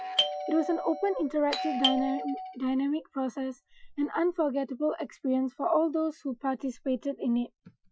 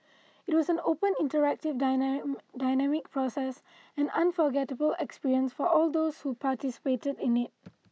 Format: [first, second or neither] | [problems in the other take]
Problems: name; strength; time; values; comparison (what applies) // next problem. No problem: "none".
second | noise reduction (classical method Wiener filter)